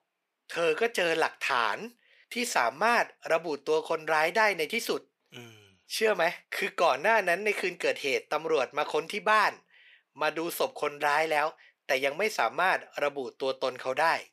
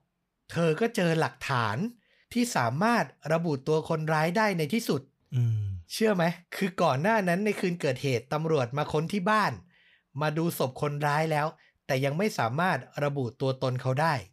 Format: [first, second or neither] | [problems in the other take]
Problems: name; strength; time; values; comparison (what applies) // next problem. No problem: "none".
second | thin; very; fading below 350 Hz